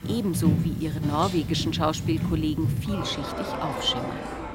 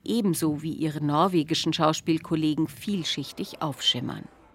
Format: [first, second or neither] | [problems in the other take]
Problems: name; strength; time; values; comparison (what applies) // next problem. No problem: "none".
second | animal sounds; loud; throughout; 1 dB below the speech; faint in the second